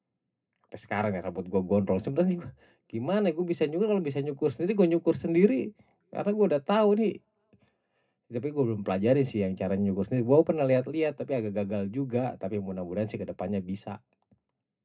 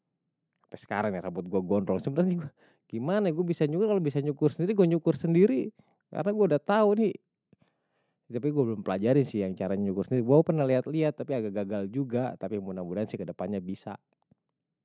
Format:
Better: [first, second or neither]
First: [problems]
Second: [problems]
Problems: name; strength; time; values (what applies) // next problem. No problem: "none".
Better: second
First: room echo; dies away in 0.2 s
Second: none